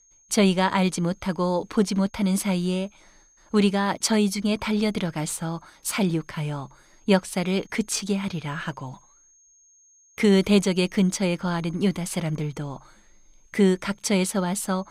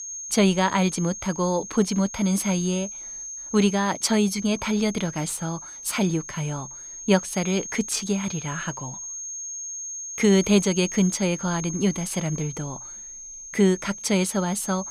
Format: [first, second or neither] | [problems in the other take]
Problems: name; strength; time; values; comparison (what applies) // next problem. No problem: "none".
first | high-pitched whine; loud; throughout; 6.5 kHz, 10 dB below the speech; faint in the first